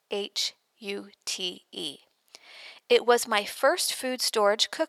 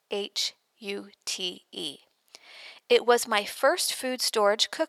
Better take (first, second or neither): neither